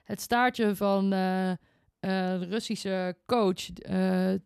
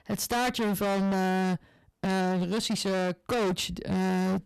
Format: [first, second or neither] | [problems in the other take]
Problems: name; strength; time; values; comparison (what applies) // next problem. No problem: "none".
first | distortion; heavy; 37% of the sound clipped